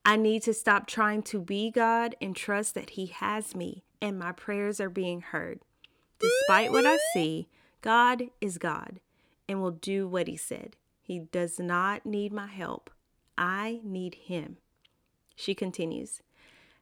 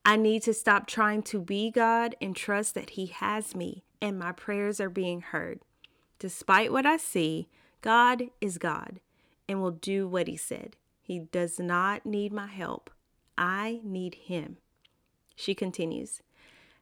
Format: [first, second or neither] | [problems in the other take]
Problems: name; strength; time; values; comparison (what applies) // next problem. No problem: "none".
second | siren; loud; from 6 to 7 s; peak 4 dB above the speech